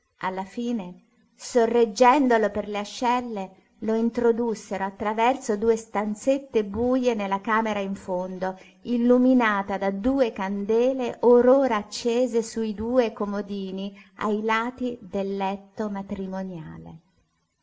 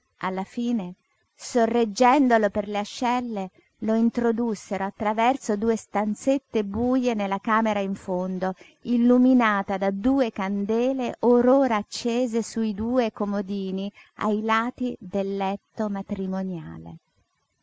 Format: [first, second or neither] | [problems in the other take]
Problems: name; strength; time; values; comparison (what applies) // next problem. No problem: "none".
second | room echo; dies away in 0.4 s